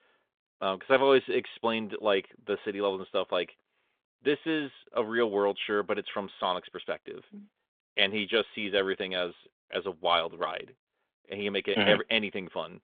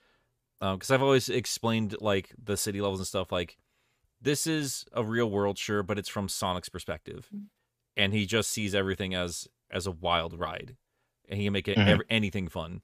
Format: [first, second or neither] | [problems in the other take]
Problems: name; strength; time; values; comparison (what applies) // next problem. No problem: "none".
second | phone-call audio; nothing above 3.5 kHz